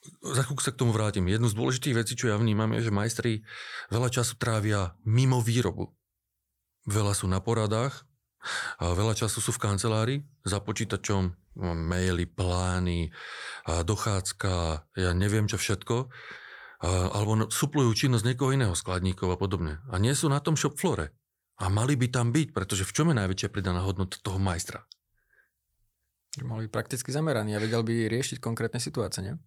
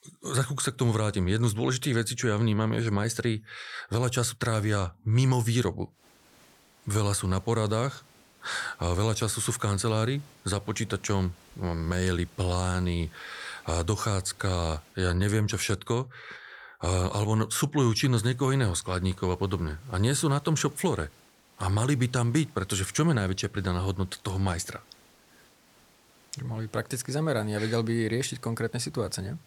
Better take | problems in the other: first | hiss; faint; from 6 to 15 s and from 18 s on; 30 dB below the speech

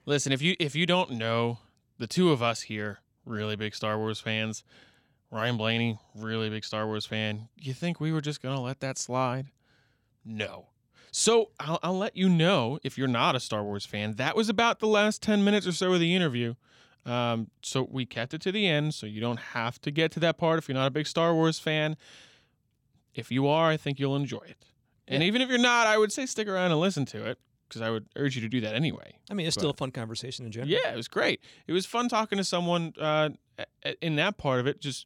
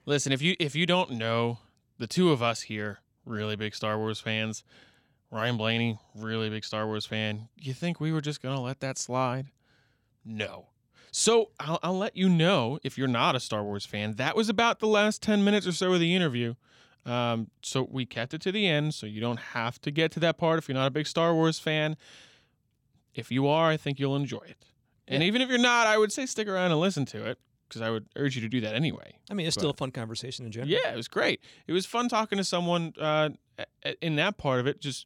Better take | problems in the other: neither | none

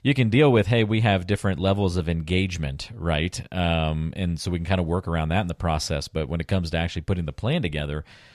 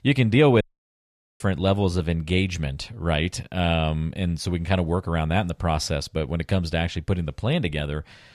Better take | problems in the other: first | audio cutting out; at 0.5 s for 1 s

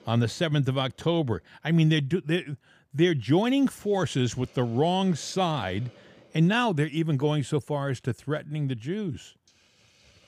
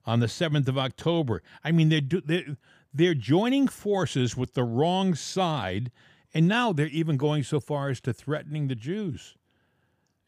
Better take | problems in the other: second | hiss; faint; throughout; 30 dB below the speech

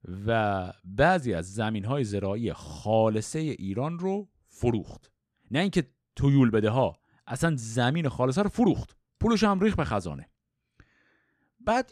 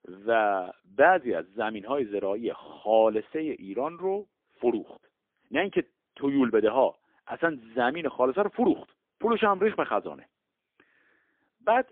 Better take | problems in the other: first | phone-call audio; poor line; nothing above 3.5 kHz

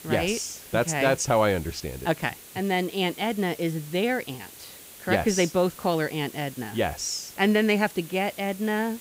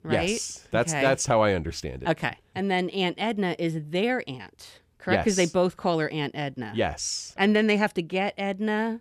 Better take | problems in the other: second | hiss; noticeable; throughout; 15 dB below the speech

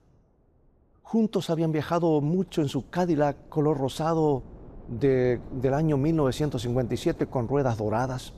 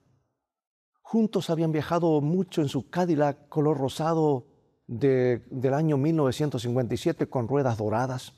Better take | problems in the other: second | wind noise on the microphone; occasional gusts; 25 dB below the speech

